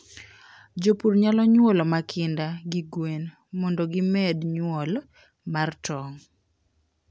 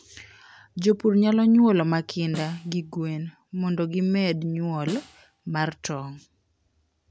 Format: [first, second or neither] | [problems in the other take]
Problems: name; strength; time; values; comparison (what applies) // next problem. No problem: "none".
first | background sound (Snare drum); 19 dB below the speech